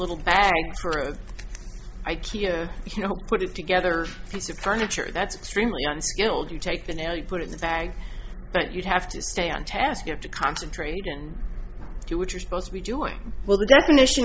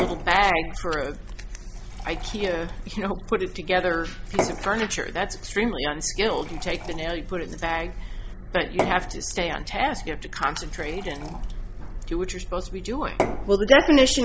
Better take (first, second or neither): first